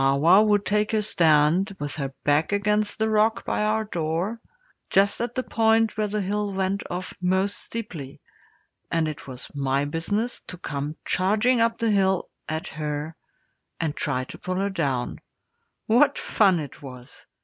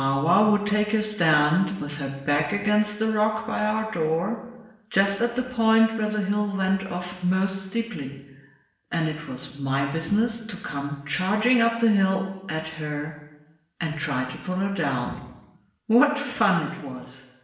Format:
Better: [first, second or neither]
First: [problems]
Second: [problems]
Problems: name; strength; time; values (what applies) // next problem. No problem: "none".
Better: first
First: none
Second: room echo; dies away in 0.9 s